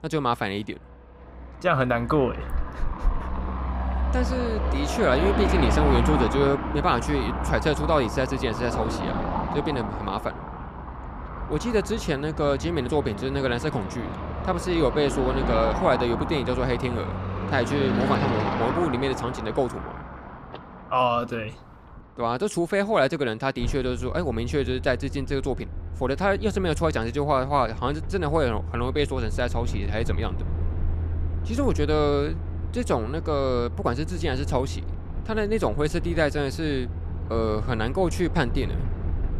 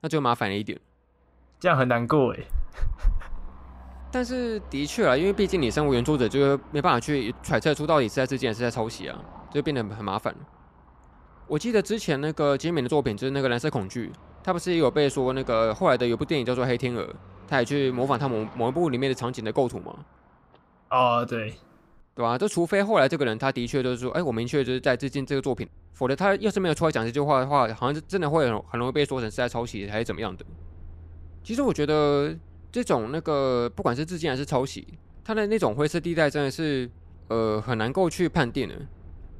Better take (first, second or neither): second